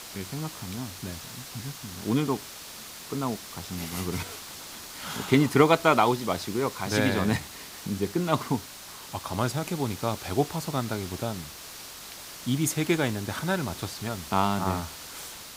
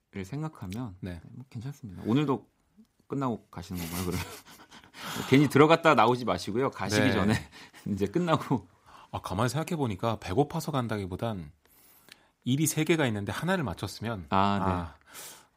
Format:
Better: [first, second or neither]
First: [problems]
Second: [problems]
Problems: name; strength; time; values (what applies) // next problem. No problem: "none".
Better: second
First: hiss; noticeable; throughout; 10 dB below the speech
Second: none